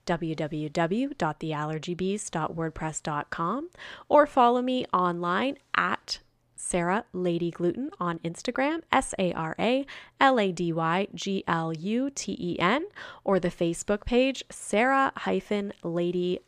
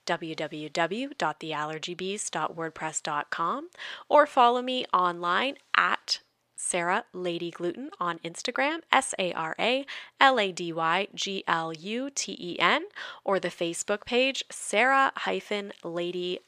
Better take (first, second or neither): first